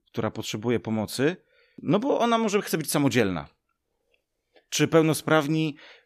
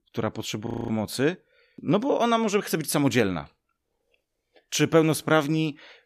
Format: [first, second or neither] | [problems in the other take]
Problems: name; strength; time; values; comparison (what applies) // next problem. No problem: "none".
first | audio freezing; at 0.5 s